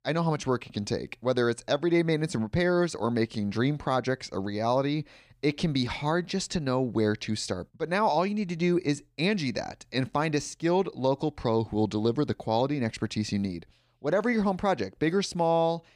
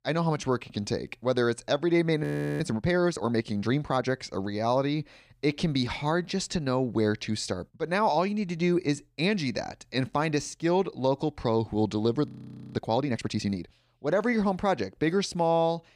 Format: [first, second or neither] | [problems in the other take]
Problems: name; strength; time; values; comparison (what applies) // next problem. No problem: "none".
first | audio freezing; at 2 s and at 12 s